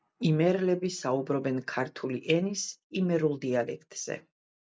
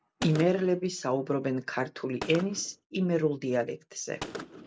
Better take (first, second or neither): first